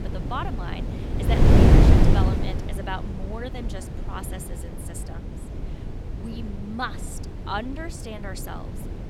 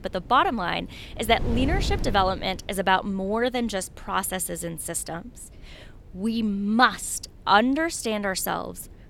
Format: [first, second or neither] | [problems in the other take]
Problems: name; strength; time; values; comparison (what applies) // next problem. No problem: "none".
second | wind noise on the microphone; heavy; 5 dB above the speech; occasional gusts in the second